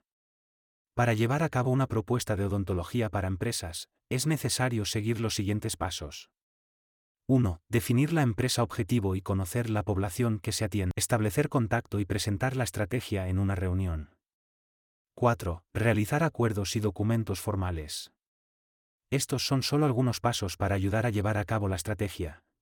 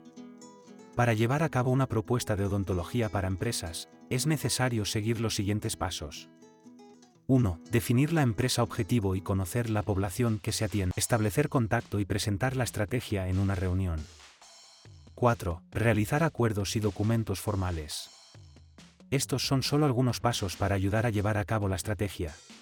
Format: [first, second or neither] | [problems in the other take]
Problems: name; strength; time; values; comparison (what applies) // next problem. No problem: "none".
first | background music; faint; throughout; 20 dB below the speech